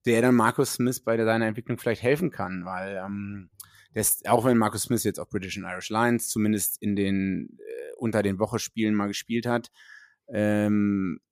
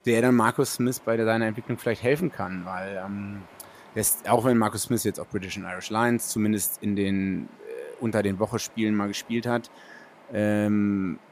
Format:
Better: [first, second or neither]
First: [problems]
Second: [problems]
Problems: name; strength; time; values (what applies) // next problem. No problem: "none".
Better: first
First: none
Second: rain or running water; faint; throughout; 25 dB below the speech